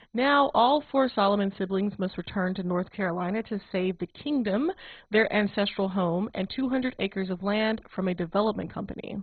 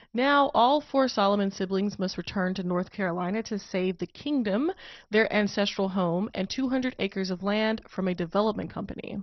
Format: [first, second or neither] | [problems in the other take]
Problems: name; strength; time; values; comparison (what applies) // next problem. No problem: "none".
second | garbled, watery; badly; nothing above 4 kHz; slightly in the second